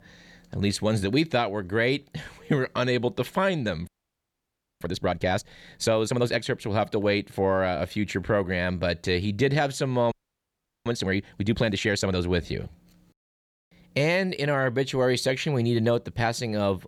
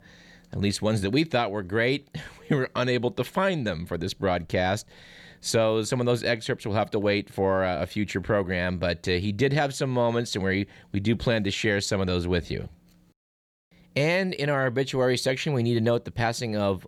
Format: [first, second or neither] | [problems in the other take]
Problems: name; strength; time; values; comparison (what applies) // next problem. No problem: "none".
second | audio freezing; at 4 s for 1 s and at 10 s for 0.5 s